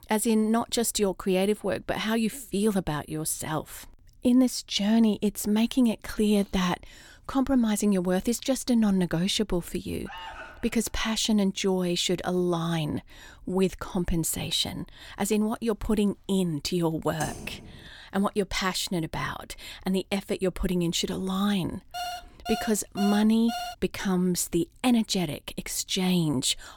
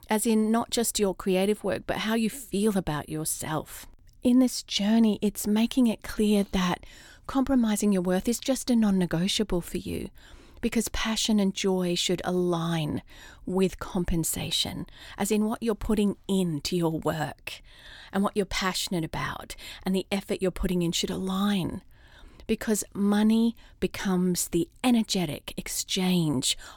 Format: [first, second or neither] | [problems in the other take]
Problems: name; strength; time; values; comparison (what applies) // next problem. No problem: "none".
second | alarm; faint; at 10 s; peak 15 dB below the speech // keyboard typing; faint; at 17 s; peak 10 dB below the speech // alarm; noticeable; from 22 to 24 s; peak 8 dB below the speech